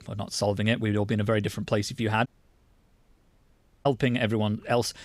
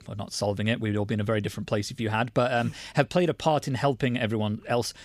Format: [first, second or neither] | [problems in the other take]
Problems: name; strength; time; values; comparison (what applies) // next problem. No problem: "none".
second | audio cutting out; at 2.5 s for 1.5 s